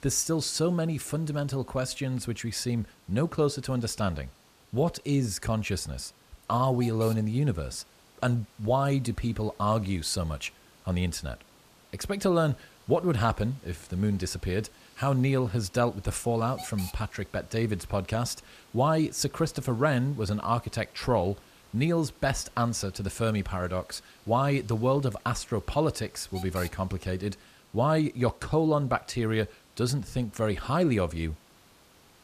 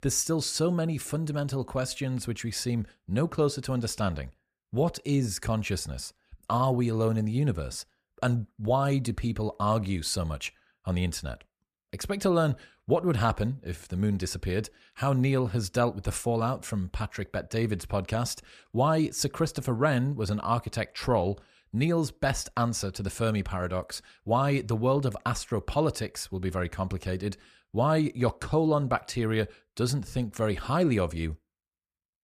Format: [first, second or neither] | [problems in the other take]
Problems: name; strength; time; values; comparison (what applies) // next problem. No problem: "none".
second | hiss; faint; throughout; 25 dB below the speech